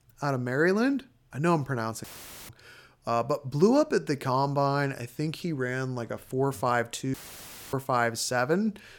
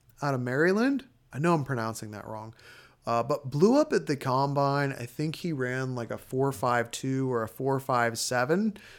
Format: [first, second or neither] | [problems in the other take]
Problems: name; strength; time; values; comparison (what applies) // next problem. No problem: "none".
second | audio cutting out; filled with static; at 2 s and at 7 s for 0.5 s